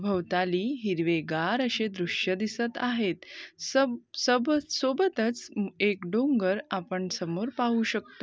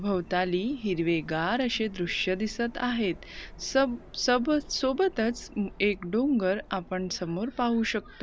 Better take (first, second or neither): first